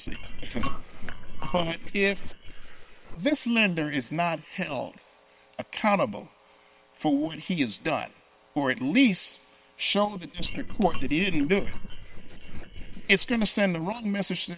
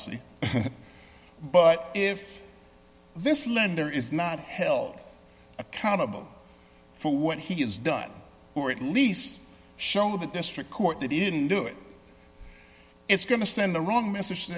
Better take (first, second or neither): second